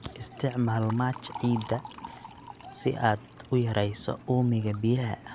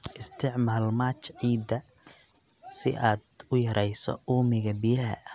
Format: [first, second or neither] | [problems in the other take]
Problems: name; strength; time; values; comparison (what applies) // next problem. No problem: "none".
second | background sound (Liquid + Engine); 16 dB below the speech